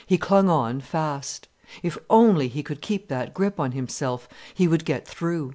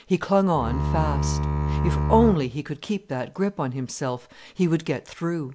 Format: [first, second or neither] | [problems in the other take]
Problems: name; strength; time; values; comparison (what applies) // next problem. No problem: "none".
first | background sound (Bowed string instrument); as loud as the speech